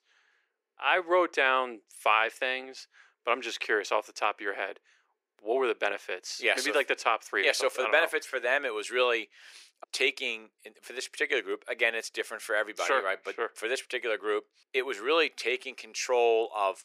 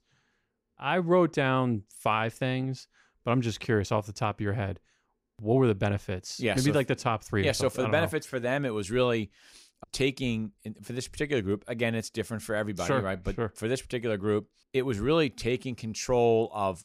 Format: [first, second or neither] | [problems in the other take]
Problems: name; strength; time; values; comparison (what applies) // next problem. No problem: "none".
second | thin; very; fading below 350 Hz